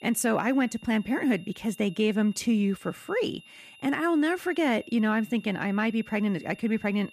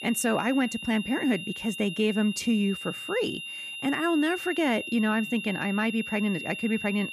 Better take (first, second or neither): first